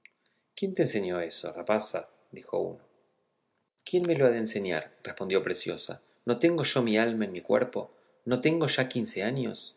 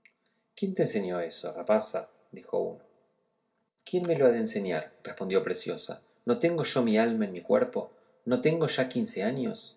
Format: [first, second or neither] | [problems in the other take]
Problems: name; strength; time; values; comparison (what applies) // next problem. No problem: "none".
first | room echo; dies away in 0.2 s